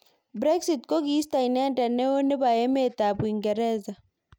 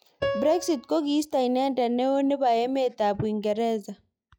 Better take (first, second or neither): first